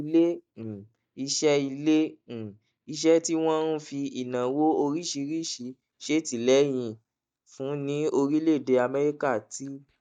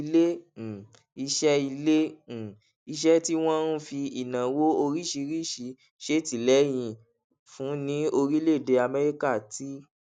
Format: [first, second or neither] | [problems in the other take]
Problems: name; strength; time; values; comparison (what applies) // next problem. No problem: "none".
second | noise reduction (neural mask model DeepFilterNet 3)